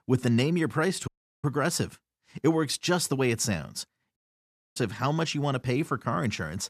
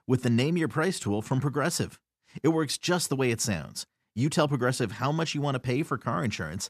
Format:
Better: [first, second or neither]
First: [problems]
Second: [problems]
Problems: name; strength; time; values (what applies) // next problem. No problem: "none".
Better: second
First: audio cutting out; at 1 s and at 4 s for 0.5 s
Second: none